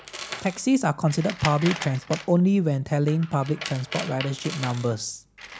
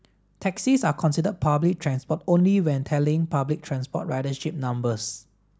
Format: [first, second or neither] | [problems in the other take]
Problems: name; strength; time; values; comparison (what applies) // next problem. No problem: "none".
second | background sound (Tools); 13 dB below the speech